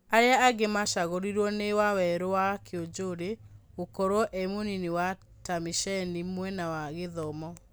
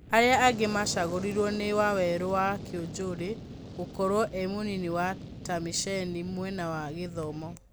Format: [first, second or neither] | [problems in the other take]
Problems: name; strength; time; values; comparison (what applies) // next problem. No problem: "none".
first | background sound (Fire); 12 dB below the speech